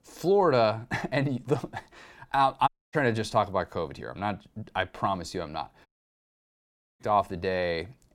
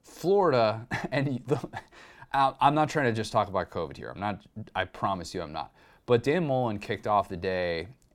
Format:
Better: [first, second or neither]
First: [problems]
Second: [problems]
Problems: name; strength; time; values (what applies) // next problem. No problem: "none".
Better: second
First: audio cutting out; at 2.5 s and at 6 s for 1 s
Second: none